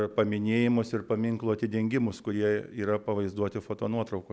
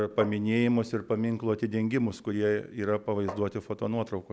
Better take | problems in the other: first | background sound (Tap); 14 dB below the speech

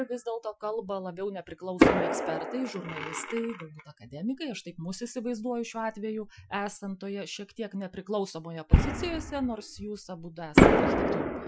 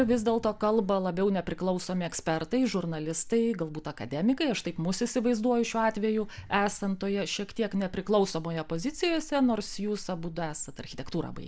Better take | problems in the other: second | noise reduction (classical method Wiener filter)

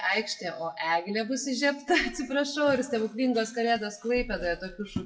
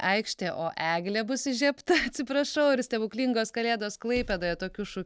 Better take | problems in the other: second | noise reduction (classical method WPE with log-MMSE)

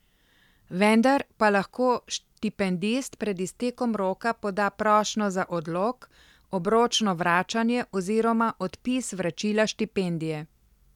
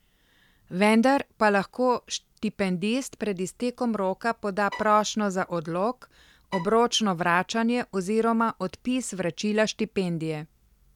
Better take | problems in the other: first | background sound (Bowed string instrument); 16 dB below the speech

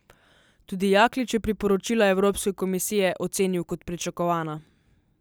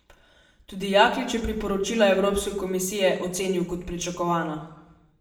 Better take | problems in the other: first | room echo; dies away in 0.7 s

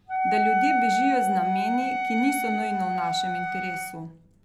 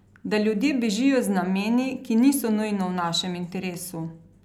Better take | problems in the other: second | background sound (Wind instrument, woodwind instrument); 4 dB above the speech

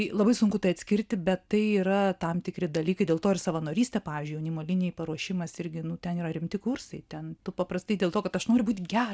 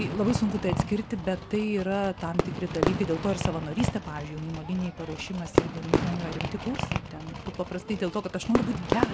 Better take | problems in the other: first | background sound (Fireworks); 1 dB below the speech

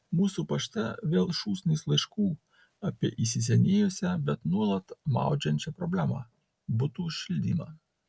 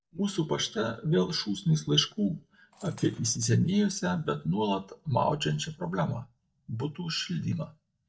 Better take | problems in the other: first | noise reduction (neural mask model DeepFilterNet 3)

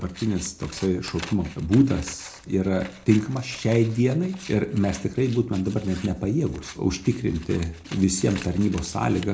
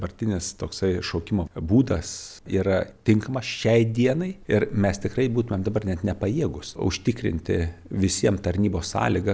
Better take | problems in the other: second | background sound (Scissors); 19 dB below the speech // room echo; dies away in 0.3 s

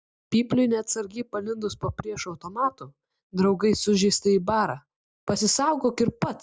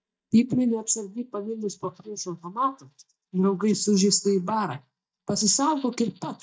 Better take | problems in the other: first | noise reduction (neural mask model DeepFilterNet 3)

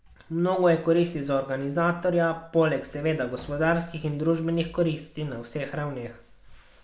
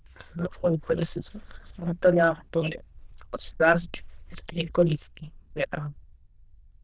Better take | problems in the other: first | noise reduction (neural diffusion model UNIVERSE++)

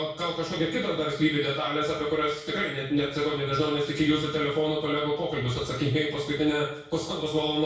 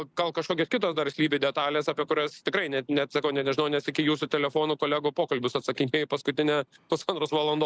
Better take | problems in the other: second | room echo; dies away in 0.6 s

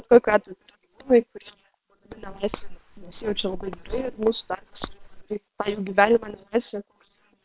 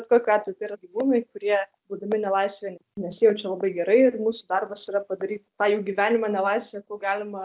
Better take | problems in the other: second | noise reduction (neural separator model SepFormer WHAM!)

